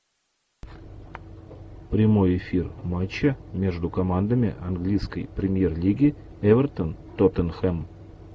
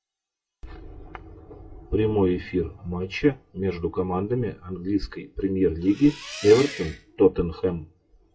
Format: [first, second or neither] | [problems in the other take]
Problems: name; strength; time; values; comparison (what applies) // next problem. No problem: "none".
first | noise reduction (classical method WPE with log-MMSE)